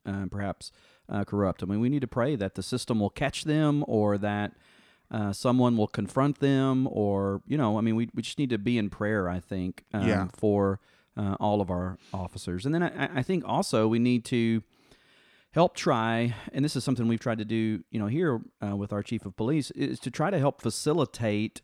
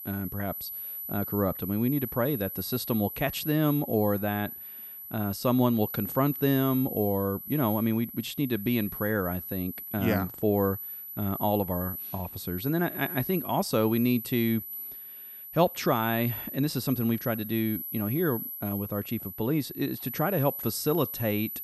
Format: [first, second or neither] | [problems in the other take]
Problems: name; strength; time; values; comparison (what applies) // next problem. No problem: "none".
first | high-pitched whine; loud; throughout; 12 kHz, 7 dB below the speech